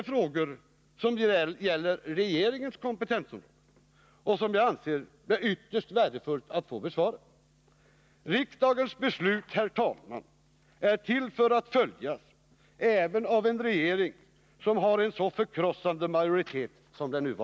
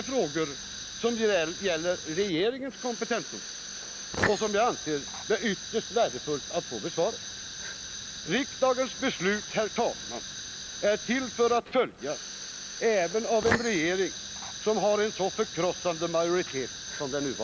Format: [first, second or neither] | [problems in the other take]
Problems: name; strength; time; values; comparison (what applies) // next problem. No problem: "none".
first | background sound (Fire); 8 dB below the speech